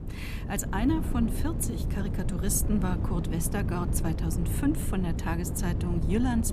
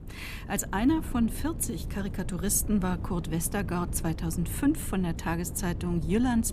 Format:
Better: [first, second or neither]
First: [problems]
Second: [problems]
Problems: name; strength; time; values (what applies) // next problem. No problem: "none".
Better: second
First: wind noise on the microphone; heavy; 7 dB below the speech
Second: wind noise on the microphone; occasional gusts; 15 dB below the speech